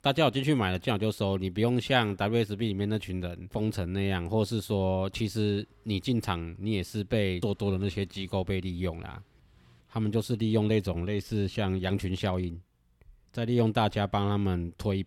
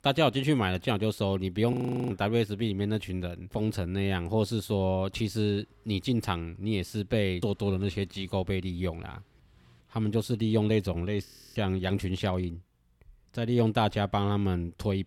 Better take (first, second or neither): first